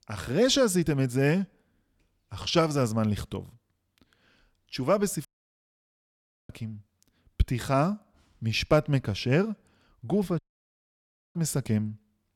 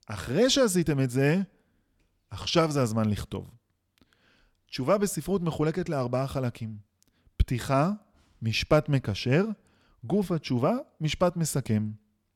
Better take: second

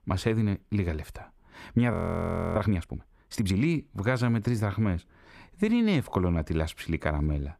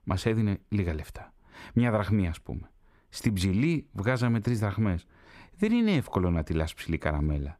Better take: second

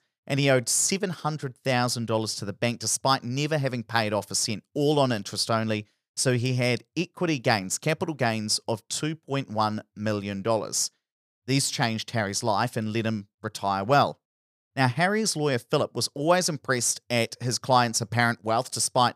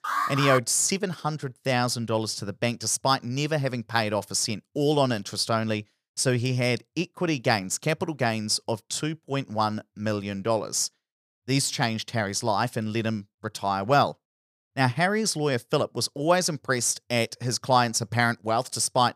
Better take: first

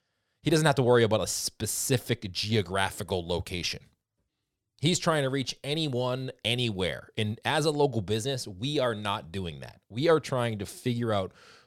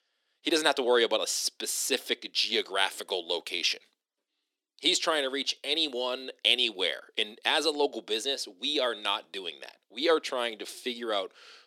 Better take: first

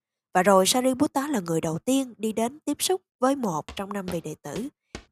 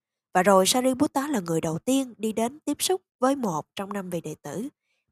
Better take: second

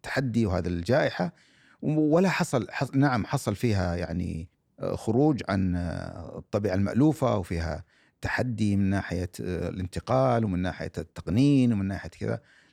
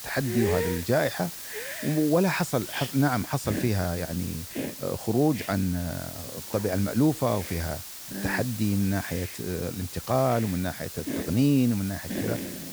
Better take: first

